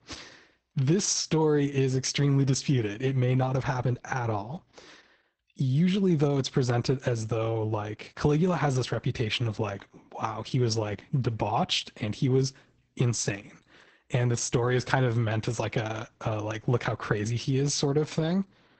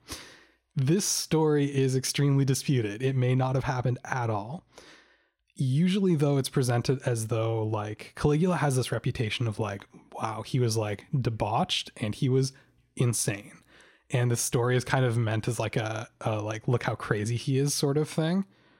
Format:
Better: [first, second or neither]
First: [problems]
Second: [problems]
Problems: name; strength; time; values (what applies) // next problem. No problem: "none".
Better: second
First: garbled, watery; badly; nothing above 8 kHz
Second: none